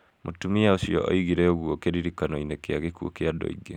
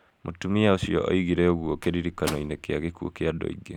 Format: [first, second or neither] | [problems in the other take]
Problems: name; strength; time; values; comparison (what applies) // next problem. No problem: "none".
first | background sound (Microwave oven); 15 dB below the speech